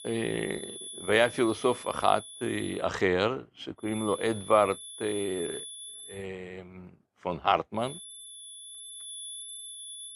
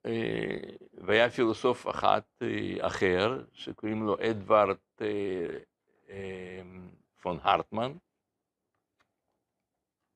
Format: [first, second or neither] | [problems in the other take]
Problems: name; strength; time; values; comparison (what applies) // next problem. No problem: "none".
second | high-pitched whine; noticeable; until 3 s, from 4 to 6 s and from 8 s on; 3.5 kHz, 10 dB below the speech